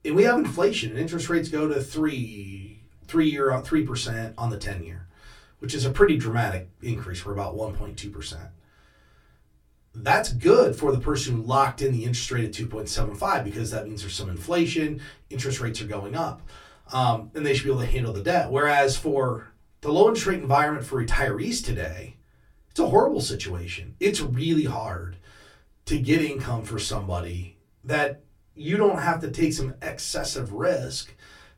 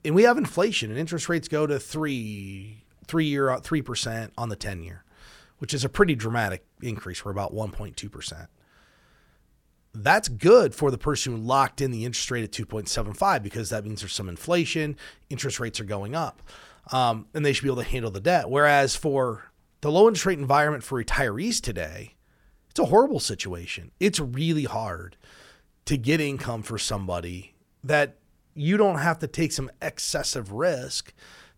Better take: second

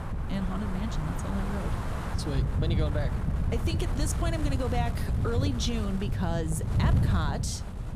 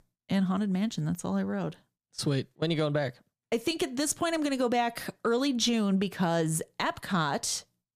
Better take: second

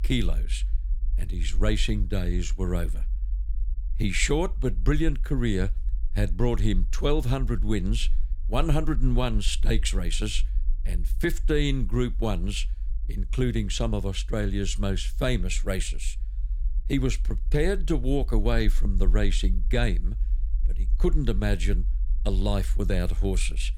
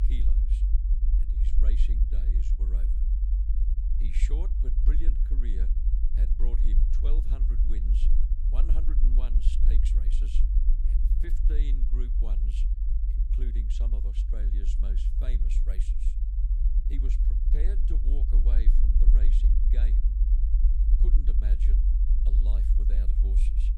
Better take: first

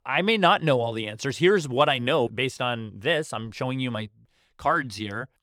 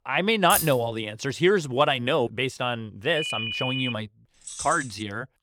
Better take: first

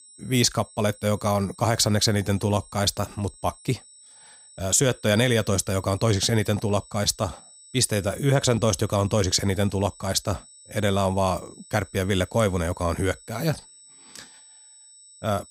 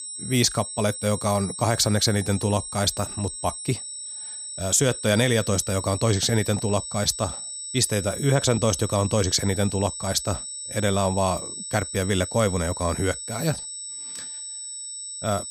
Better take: first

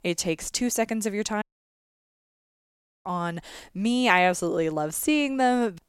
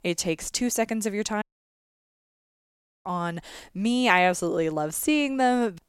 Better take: neither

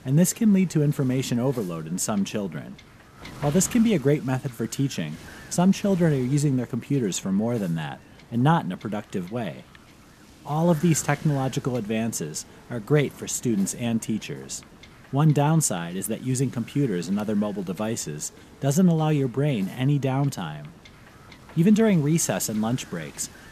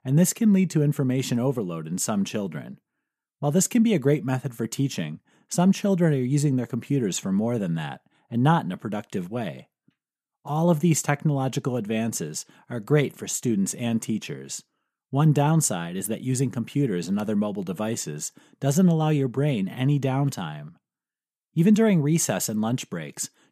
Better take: second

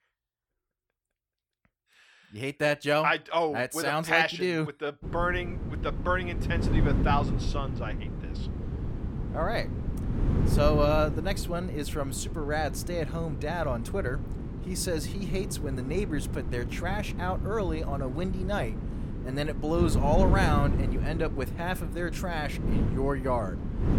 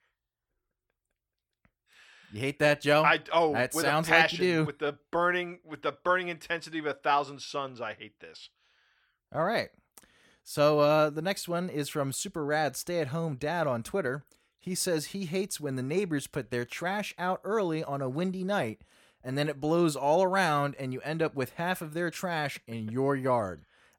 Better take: second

